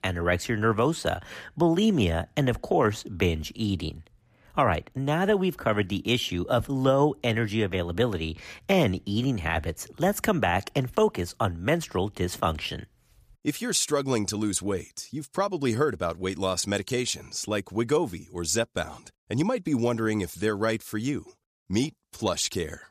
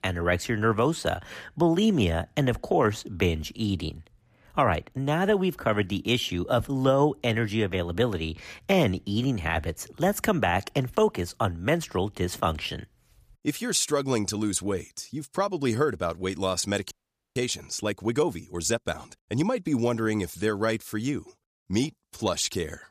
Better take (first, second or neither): first